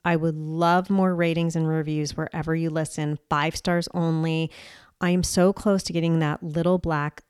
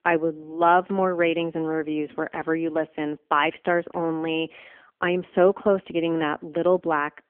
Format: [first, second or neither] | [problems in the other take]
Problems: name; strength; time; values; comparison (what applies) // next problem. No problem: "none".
first | phone-call audio; poor line; nothing above 3 kHz